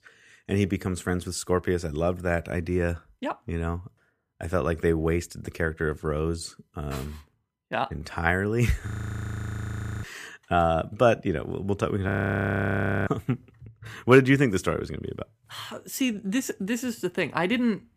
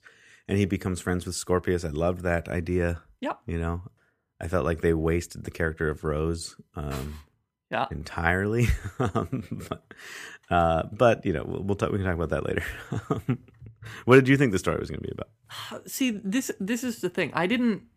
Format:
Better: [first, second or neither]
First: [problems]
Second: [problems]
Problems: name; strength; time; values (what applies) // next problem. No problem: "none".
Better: second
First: audio freezing; at 9 s for 1 s and at 12 s for 1 s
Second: none